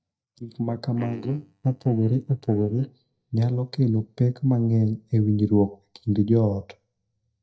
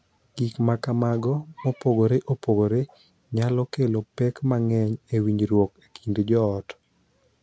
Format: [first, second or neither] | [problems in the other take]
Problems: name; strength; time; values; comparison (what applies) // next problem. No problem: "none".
second | noise reduction (neural mask model DeepFilterNet 3)